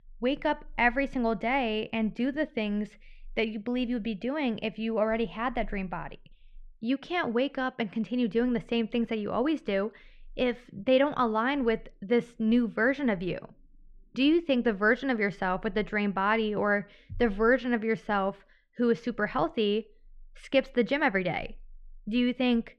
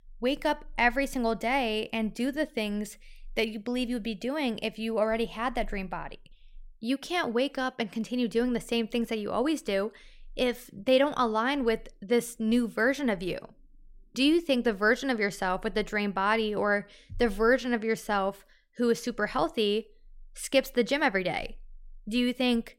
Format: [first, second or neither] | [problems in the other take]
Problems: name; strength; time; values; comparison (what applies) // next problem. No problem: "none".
second | muffled; slightly; fading above 2.5 kHz